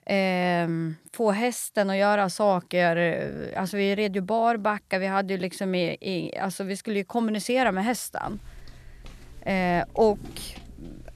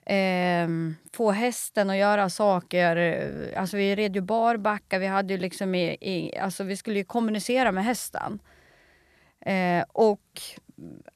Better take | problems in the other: second | footsteps; faint; from 8 s on; peak 15 dB below the speech

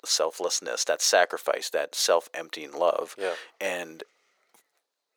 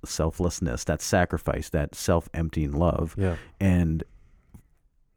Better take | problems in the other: second | thin; very; fading below 500 Hz

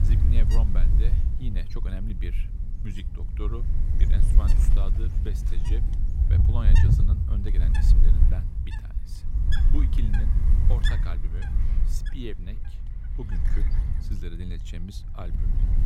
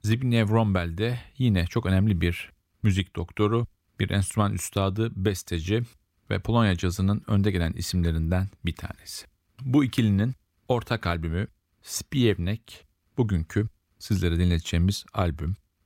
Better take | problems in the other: second | wind noise on the microphone; heavy; 2 dB above the speech

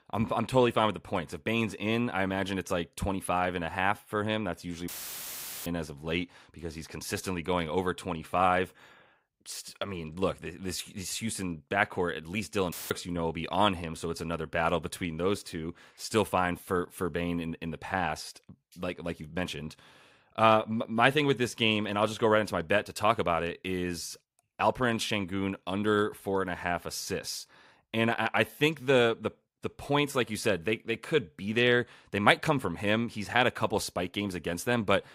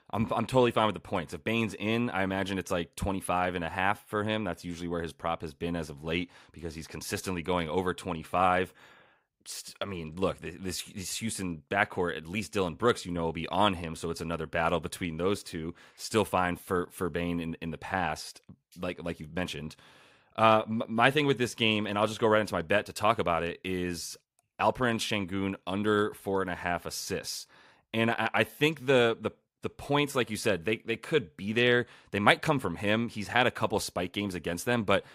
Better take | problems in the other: second | audio cutting out; filled with static; at 5 s for 1 s and at 13 s

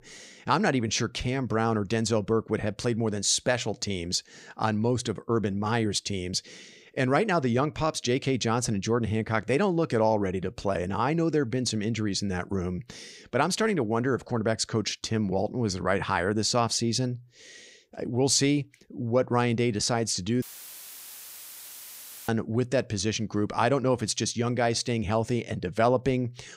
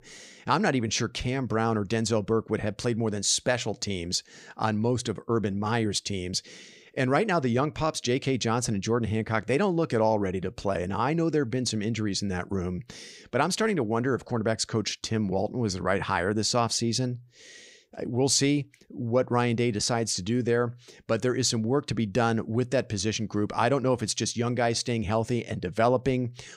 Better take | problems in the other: second | audio cutting out; filled with static; at 20 s for 2 s

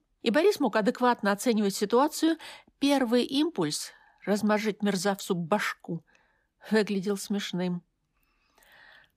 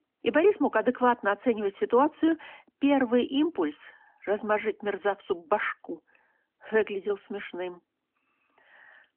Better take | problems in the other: first | phone-call audio; nothing above 3 kHz

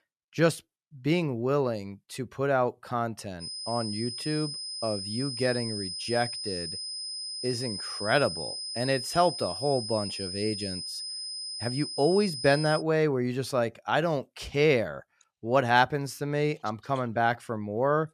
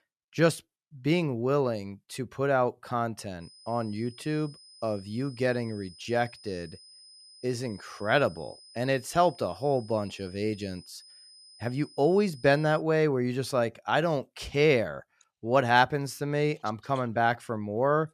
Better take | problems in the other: second | high-pitched whine; loud; from 3.5 to 13 s; 5 kHz, 5 dB below the speech; faint in the second

